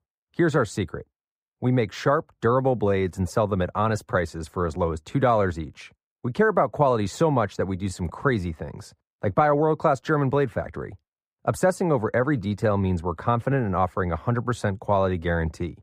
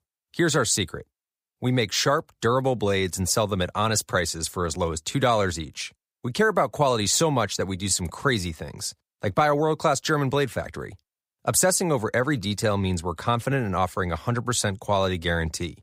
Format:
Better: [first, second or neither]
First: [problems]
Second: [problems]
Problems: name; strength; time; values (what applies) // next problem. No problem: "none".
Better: second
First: muffled; very; fading above 2.5 kHz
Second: none